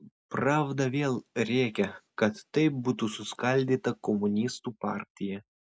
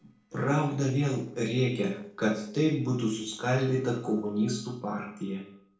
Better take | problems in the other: first | noise reduction (neural separator model SepFormer DNS4)

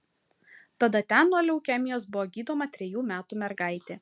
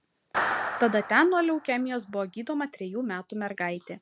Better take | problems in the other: first | background sound (Clapping); 8 dB below the speech

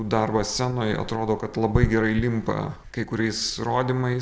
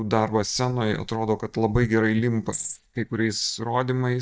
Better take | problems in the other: first | noise reduction (neural mask model DeepFilterNet 3)

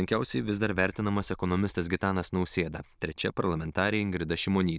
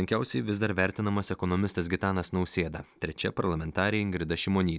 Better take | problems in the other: second | noise reduction (neural diffusion model UNIVERSE++)

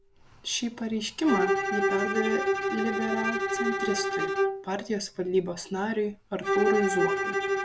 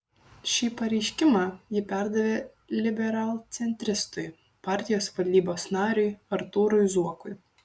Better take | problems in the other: second | background sound (Bowed string instrument); 1 dB above the speech

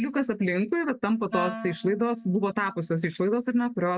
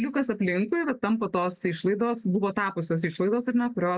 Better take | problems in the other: second | noise reduction (neural mask model RNNoise)

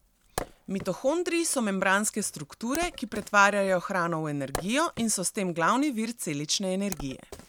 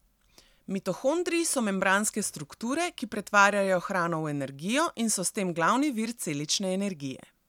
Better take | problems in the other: second | background sound (Wood); 16 dB below the speech

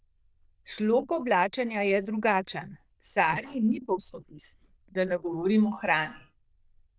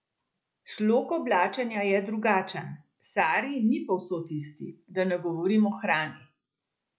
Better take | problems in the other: second | noise reduction (neural diffusion model UNIVERSE++)

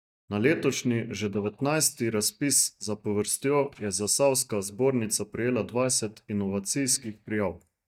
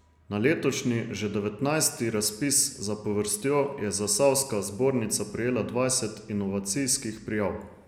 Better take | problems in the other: second | noise reduction (neural mask model DeepFilterNet 3)

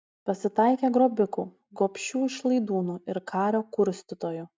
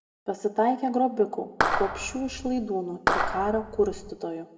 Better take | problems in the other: first | background sound (Clapping); 1 dB below the speech // room echo; dies away in 1 s

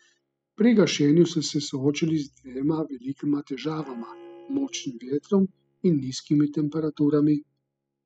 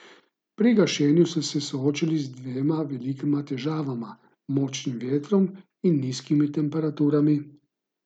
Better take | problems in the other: second | noise reduction (classical method spectral subtraction)

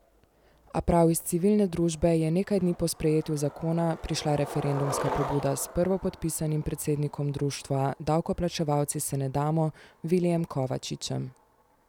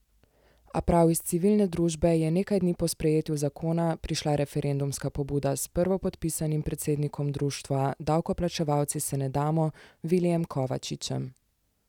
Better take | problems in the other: second | background sound (Skateboard); 15 dB below the speech

